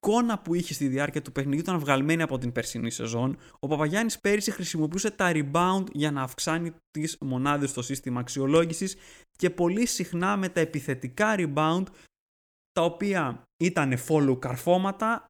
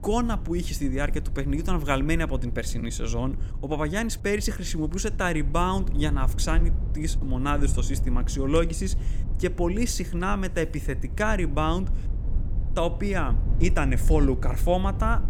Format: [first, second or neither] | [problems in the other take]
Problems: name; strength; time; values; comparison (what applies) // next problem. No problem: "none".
first | low rumble; noticeable; throughout; 15 dB below the speech